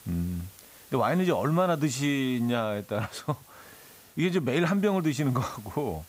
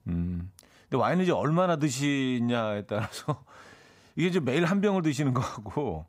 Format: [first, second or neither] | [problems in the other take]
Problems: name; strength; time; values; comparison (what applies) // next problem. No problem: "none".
second | hiss; faint; throughout; 25 dB below the speech